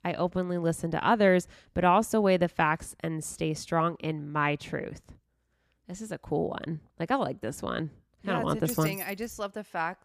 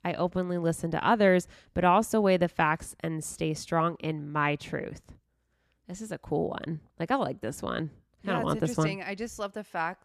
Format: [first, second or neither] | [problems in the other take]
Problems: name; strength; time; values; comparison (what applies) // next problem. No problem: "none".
second | jangling keys; noticeable; at 8.5 s; peak 8 dB below the speech